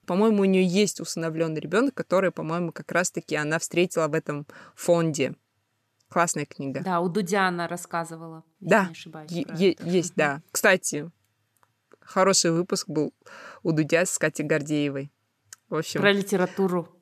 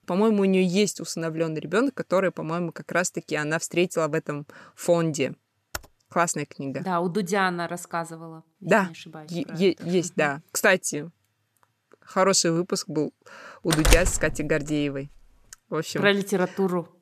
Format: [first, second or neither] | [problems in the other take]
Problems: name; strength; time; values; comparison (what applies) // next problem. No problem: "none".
first | keyboard typing; very faint; at 5.5 s; peak 15 dB below the speech // door banging; loud; at 14 s; peak 3 dB above the speech